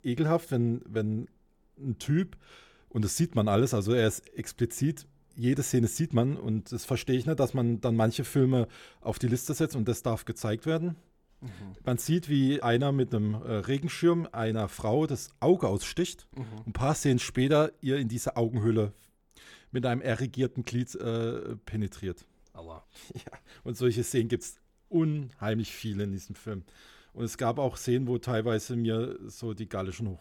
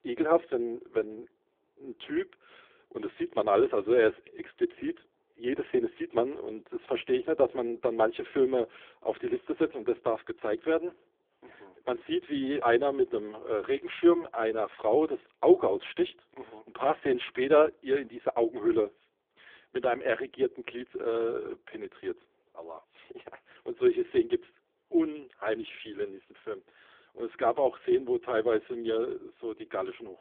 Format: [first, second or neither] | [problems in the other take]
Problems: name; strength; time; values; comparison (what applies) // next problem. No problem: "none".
first | phone-call audio; poor line; nothing above 3.5 kHz